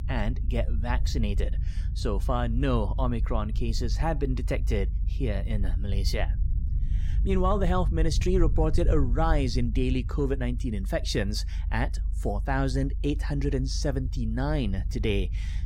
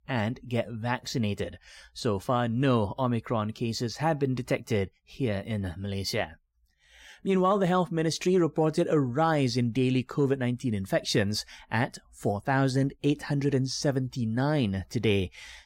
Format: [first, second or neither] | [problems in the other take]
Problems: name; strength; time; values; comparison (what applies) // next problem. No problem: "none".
second | low rumble; noticeable; throughout; 15 dB below the speech